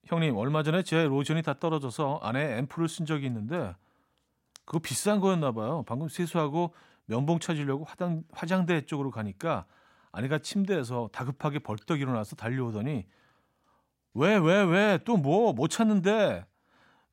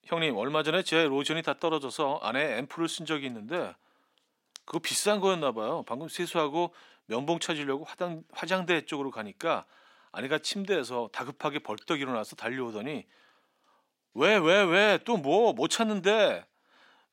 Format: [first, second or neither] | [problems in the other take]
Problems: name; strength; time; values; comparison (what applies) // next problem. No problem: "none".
first | thin; somewhat; fading below 350 Hz